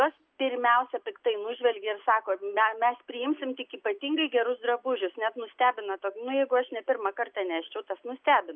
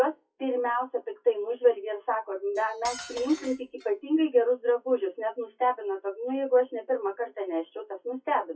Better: first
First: none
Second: noise reduction (classical method WPE with log-MMSE)

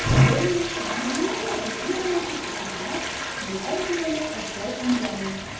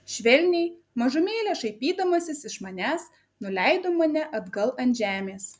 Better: second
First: background sound (Toilet flush); 2 dB above the speech // room echo; dies away in 1 s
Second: none

